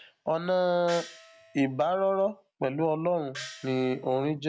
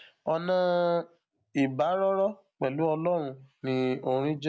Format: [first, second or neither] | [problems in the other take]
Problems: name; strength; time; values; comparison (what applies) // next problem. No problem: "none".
second | background sound (Gong); 16 dB below the speech